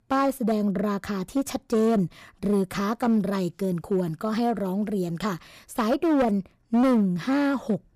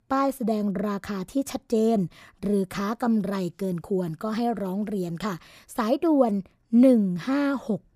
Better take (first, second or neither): second